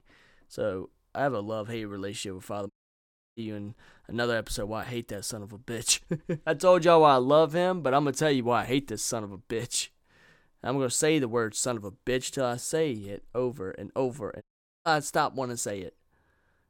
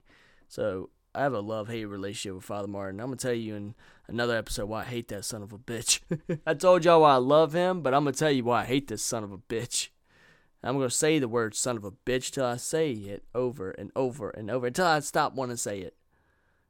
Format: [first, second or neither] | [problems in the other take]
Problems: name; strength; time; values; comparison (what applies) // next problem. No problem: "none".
second | audio cutting out; at 2.5 s for 0.5 s and at 14 s